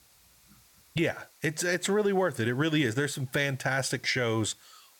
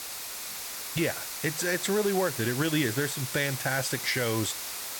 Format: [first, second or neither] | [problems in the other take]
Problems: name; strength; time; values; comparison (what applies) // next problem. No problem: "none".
first | hiss; loud; throughout; 5 dB below the speech; faint in the first